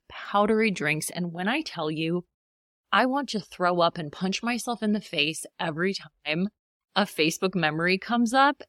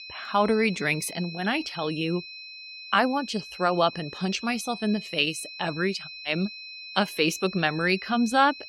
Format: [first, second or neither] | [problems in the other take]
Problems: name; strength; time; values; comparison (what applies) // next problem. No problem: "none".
first | high-pitched whine; noticeable; throughout; 2.5 kHz, 10 dB below the speech